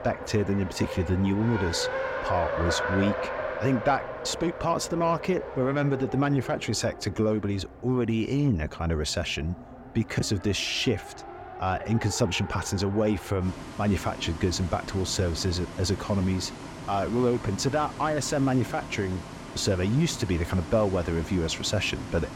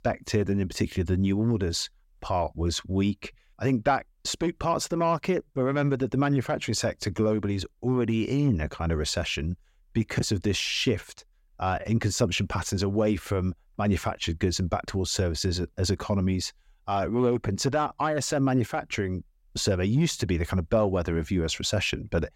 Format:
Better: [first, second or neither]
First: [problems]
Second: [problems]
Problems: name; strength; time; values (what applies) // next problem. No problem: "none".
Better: second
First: traffic noise; loud; throughout; 9 dB below the speech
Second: none